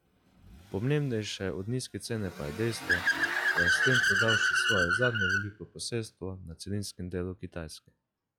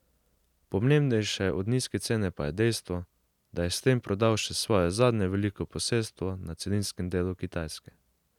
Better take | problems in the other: second | noise reduction (classical method log-MMSE)

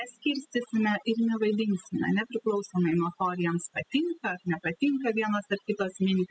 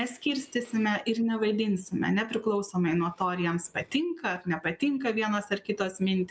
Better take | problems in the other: second | noise reduction (classical method spectral subtraction)

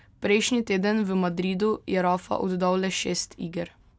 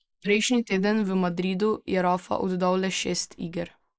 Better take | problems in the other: first | noise reduction (neural mask model Resemble Enhance denoiser)

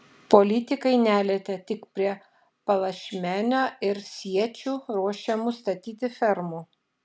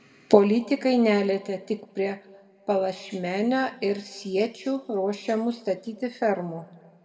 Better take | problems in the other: first | room echo; dies away in 0.9 s

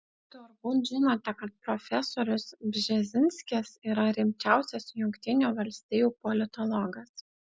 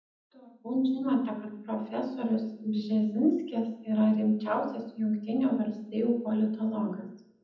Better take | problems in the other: first | room echo; dies away in 0.8 s

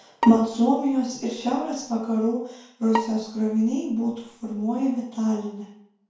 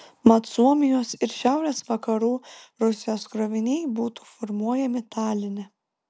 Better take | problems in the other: second | background sound (Bowed string instrument); 11 dB below the speech // room echo; dies away in 0.5 s

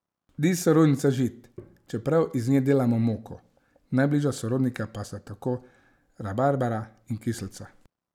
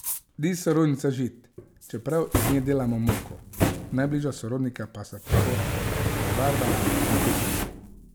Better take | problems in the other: first | background sound (Fire); as loud as the speech

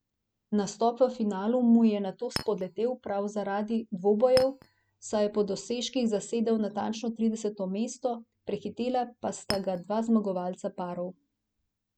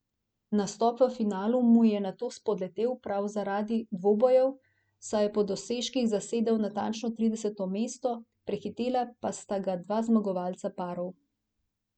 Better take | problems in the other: second | background sound (Chink, clink); 10 dB below the speech

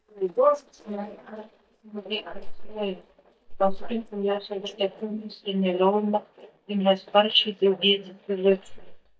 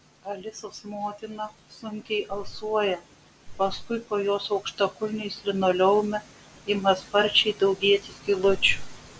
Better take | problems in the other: second | noise reduction (neural mask model DeepFilterNet 3)

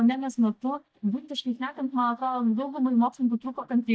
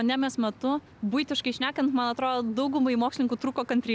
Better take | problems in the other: second | noise reduction (neural mask model DeepFilterNet 3)

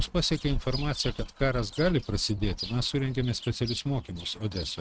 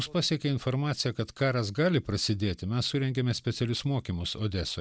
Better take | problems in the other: second | noise reduction (neural mask model RNNoise)

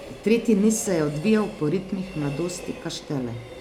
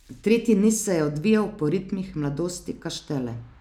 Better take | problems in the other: second | background sound (Train); 16 dB below the speech

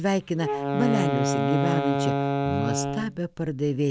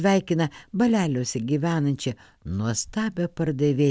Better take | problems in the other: second | background sound (Wind instrument, woodwind instrument); 1 dB above the speech

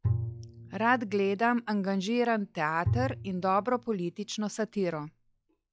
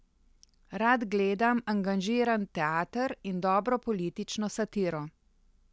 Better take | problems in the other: second | noise reduction (classical method log-MMSE)

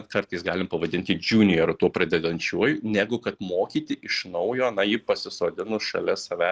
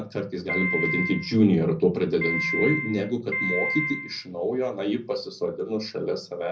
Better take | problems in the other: first | background sound (Piano); 3 dB below the speech // room echo; dies away in 0.4 s

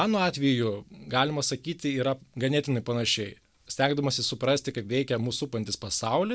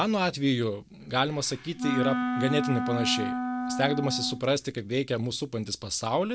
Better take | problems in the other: first | background sound (Wind instrument, woodwind instrument); 2 dB below the speech

